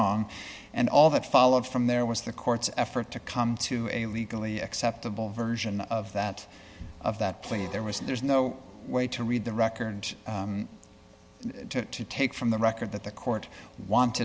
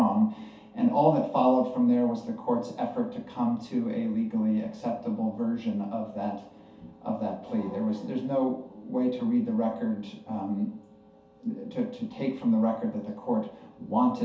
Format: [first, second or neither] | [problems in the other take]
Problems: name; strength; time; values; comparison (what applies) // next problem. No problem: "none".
first | room echo; dies away in 0.5 s